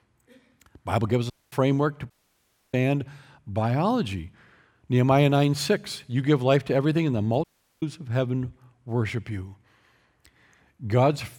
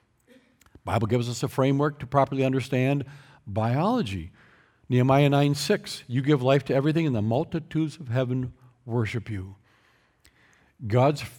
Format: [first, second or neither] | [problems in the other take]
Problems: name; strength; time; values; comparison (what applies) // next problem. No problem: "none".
second | audio cutting out; at 1.5 s, at 2 s for 0.5 s and at 7.5 s